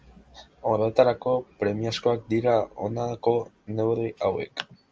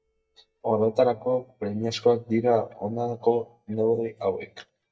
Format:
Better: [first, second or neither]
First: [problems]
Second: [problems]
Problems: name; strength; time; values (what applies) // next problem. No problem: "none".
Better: first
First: none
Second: noise reduction (neural mask model DeepFilterNet 3)